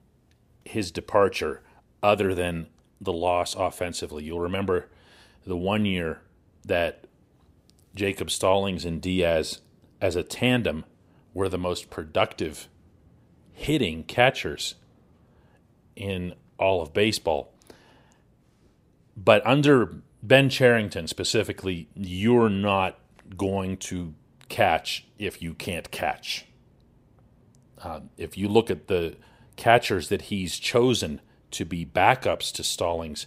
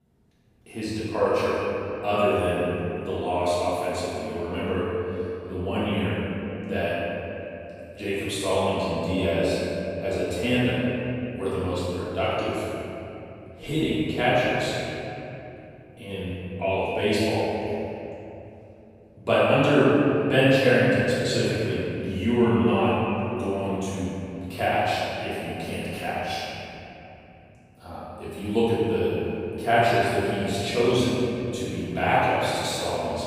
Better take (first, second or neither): first